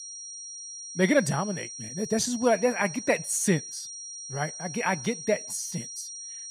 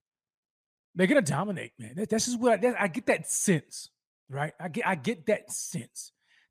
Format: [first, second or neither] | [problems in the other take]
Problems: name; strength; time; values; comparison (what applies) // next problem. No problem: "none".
second | high-pitched whine; loud; throughout; 5.5 kHz, 10 dB below the speech